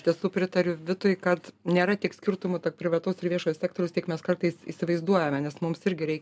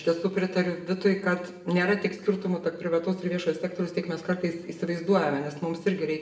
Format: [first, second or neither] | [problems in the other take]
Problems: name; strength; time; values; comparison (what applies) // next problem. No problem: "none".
first | room echo; dies away in 0.8 s